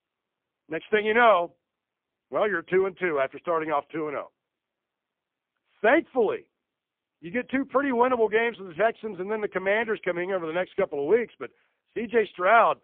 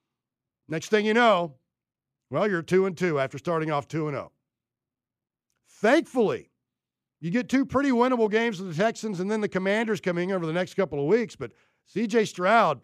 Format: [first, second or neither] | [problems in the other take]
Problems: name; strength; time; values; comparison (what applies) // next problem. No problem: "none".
second | phone-call audio; poor line; nothing above 3.5 kHz